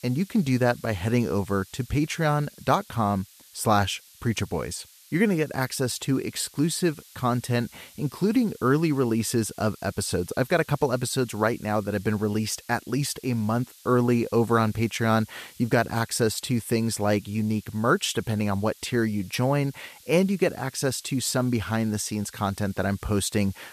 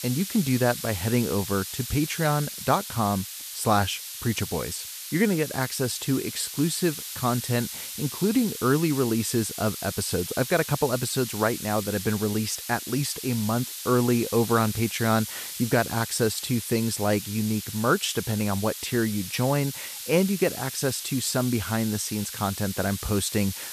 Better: first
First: hiss; faint; throughout; 25 dB below the speech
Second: hiss; loud; throughout; 7 dB below the speech

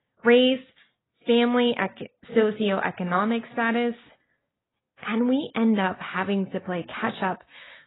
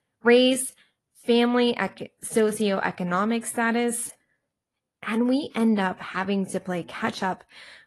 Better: second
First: garbled, watery; badly; nothing above 3.5 kHz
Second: garbled, watery; slightly; nothing above 11.5 kHz

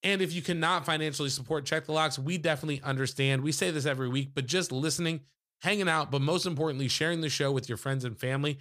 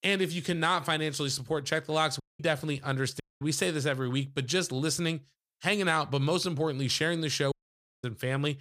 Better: first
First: none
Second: audio cutting out; at 2 s, at 3 s and at 7.5 s for 0.5 s

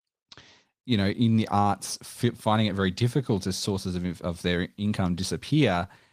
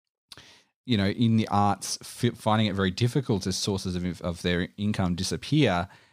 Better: second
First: garbled, watery; slightly; nothing above 15 kHz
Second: none

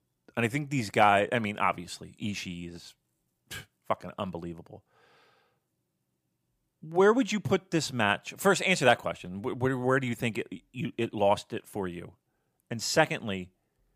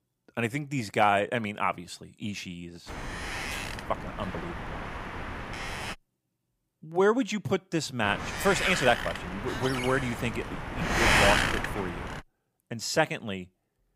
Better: first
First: none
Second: wind noise on the microphone; heavy; from 3 to 6 s and from 8 to 12 s; 1 dB below the speech

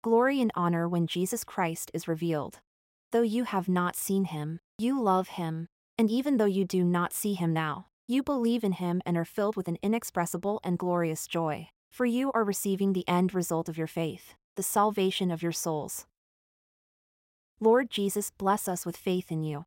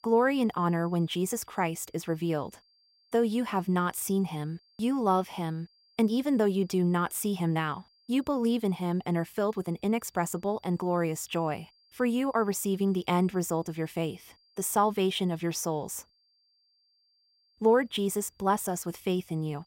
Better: first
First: none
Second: high-pitched whine; faint; throughout; 4.5 kHz, 35 dB below the speech

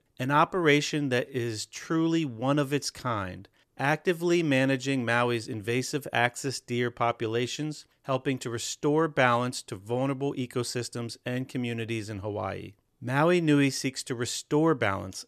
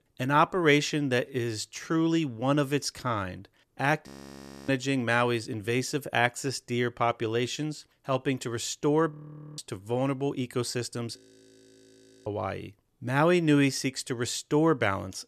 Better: first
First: none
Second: audio freezing; at 4 s for 0.5 s, at 9 s and at 11 s for 1 s

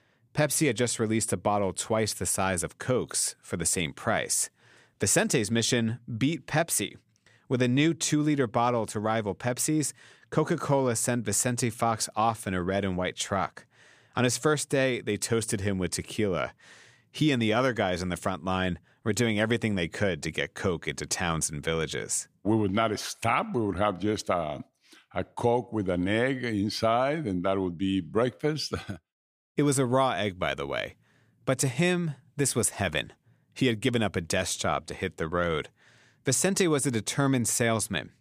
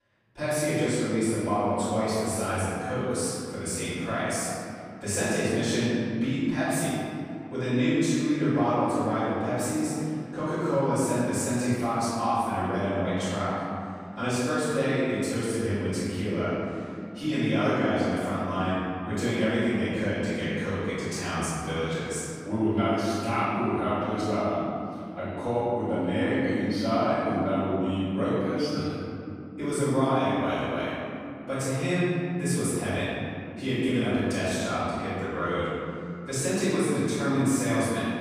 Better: first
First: none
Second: off-mic speech; far // room echo; strong; dies away in 2.9 s

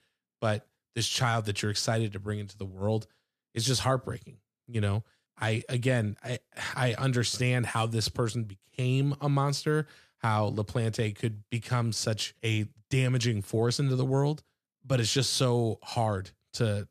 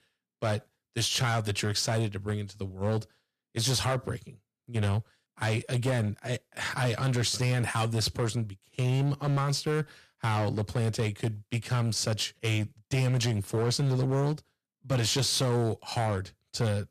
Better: first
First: none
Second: distortion; slight; 10% of the sound clipped

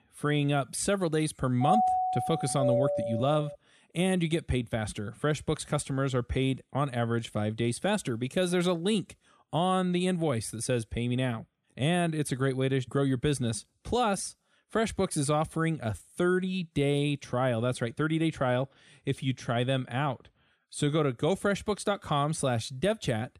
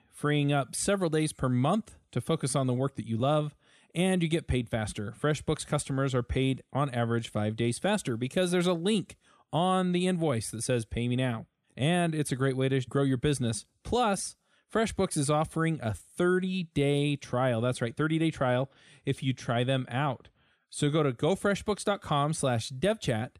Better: second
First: doorbell; loud; from 1.5 to 3.5 s; peak 4 dB above the speech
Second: none

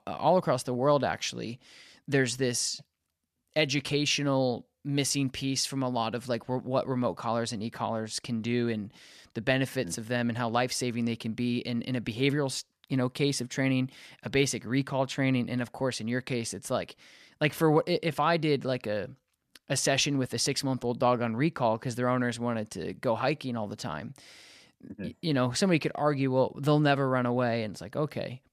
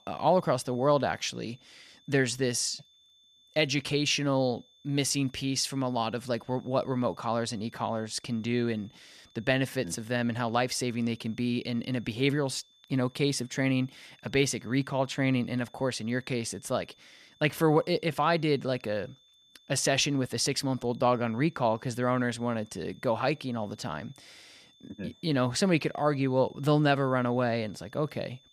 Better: first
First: none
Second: high-pitched whine; faint; throughout; 3.5 kHz, 30 dB below the speech

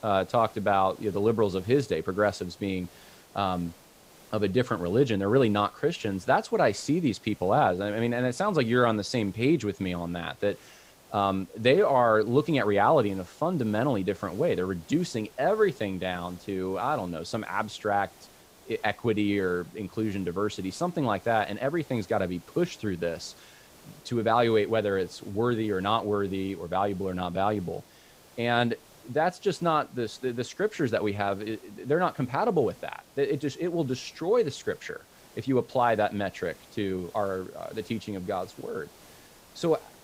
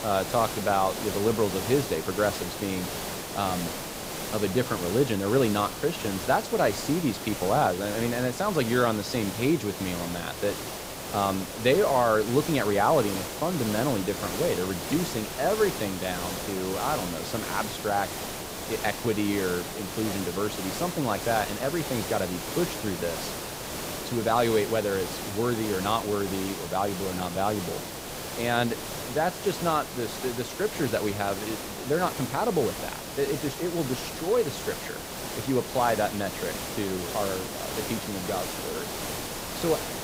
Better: first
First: hiss; faint; throughout; 25 dB below the speech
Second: hiss; loud; throughout; 5 dB below the speech

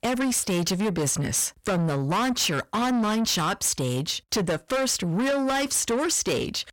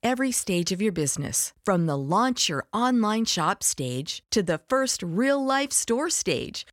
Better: second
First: distortion; heavy; 7 dB below the speech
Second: none

